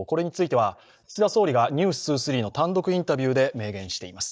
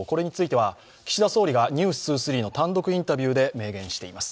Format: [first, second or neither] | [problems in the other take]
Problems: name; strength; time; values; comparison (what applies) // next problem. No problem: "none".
second | noise reduction (neural mask model DeepFilterNet 3)